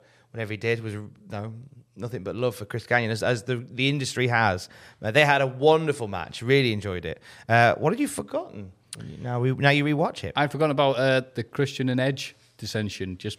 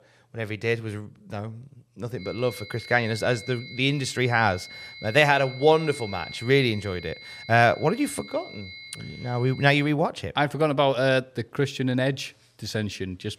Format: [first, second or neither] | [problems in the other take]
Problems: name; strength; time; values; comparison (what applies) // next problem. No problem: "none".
first | high-pitched whine; noticeable; from 2 to 10 s; 2 kHz, 15 dB below the speech